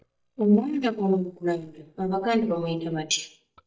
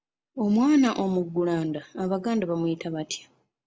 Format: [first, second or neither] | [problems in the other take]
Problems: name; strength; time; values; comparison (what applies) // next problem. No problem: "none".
second | noise reduction (neural mask model DeepFilterNet 3)